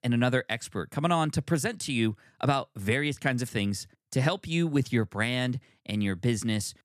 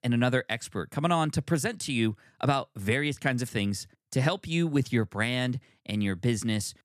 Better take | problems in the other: neither | none

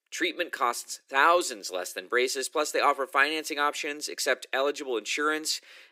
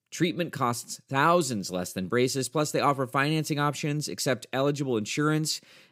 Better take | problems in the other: second | thin; very; fading below 350 Hz

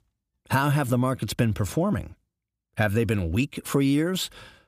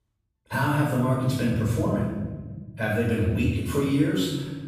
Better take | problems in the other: first | off-mic speech; far // room echo; strong; dies away in 1.3 s

